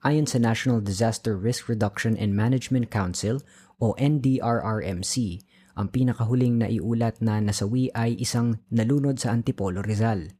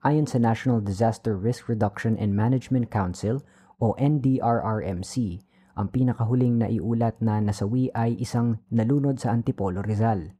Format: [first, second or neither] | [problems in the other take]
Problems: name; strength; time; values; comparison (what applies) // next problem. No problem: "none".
first | muffled; slightly; fading above 2 kHz